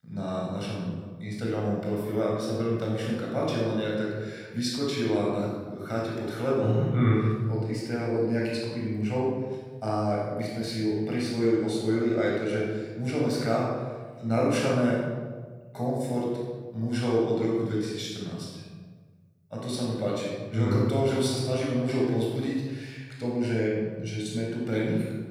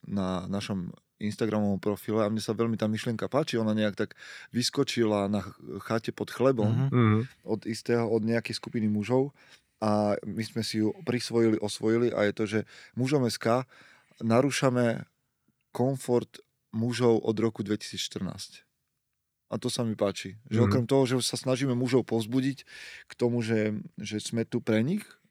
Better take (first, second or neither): second